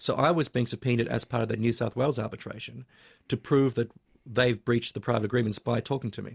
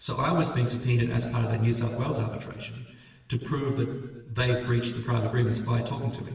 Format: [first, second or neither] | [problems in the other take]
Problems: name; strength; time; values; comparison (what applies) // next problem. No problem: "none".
first | room echo; dies away in 1.4 s